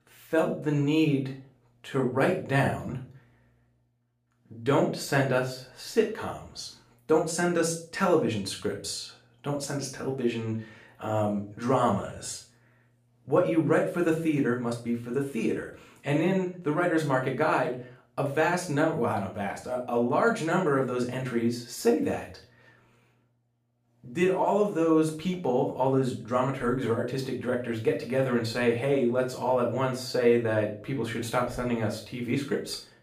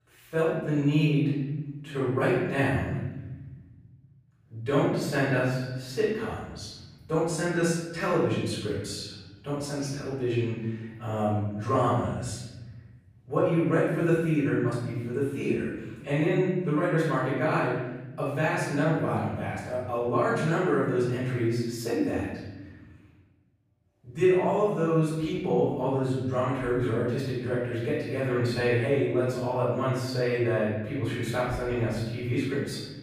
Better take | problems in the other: first | room echo; strong; dies away in 1.4 s; slight in the first // off-mic speech; far; far in the first

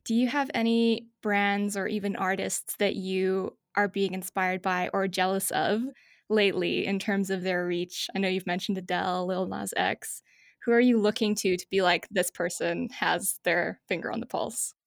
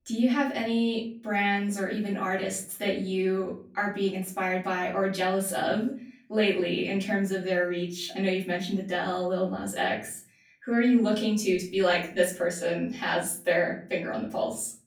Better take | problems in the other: first | room echo; slight; dies away in 0.4 s // off-mic speech; far

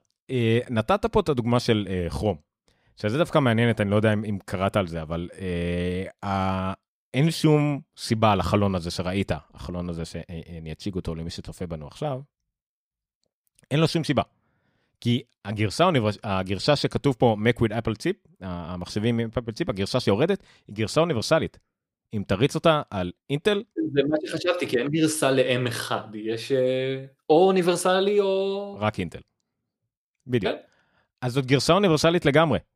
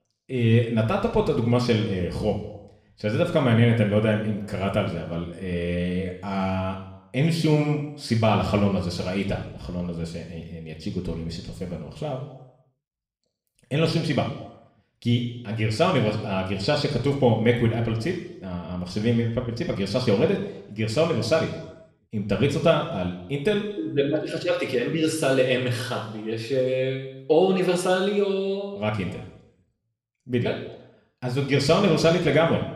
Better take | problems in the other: first | room echo; noticeable; dies away in 0.8 s // off-mic speech; somewhat distant

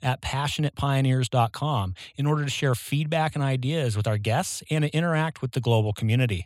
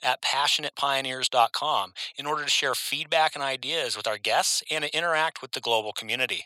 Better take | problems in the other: first | thin; very; fading below 750 Hz

